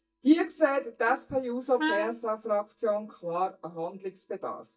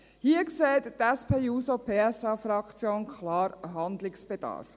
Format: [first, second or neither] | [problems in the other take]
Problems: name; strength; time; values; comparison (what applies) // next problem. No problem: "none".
second | noise reduction (neural mask model DeepFilterNet 3)